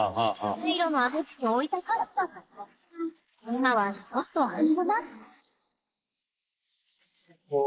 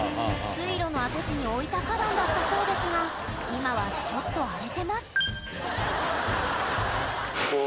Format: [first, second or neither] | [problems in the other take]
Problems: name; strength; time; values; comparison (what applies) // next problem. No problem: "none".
second | noise reduction (neural mask model Resemble Enhance denoiser)